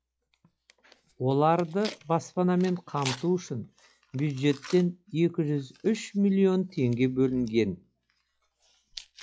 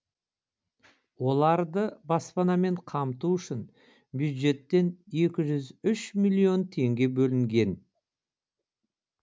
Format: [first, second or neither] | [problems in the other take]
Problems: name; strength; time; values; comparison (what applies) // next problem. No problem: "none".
second | noise reduction (classical method log-MMSE)